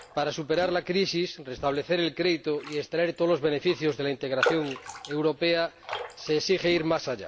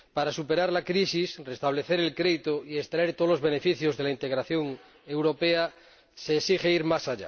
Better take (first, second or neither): second